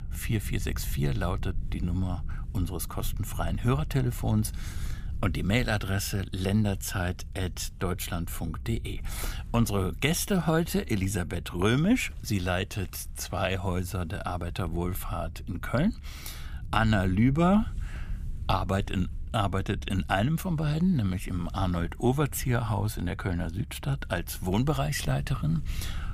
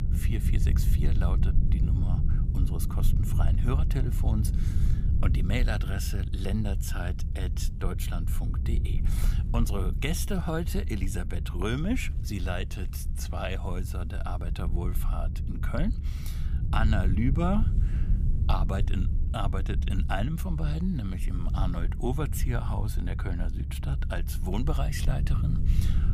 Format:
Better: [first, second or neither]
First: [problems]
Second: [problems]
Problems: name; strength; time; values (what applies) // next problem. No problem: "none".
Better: first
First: low rumble; faint; throughout; 25 dB below the speech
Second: low rumble; loud; throughout; 8 dB below the speech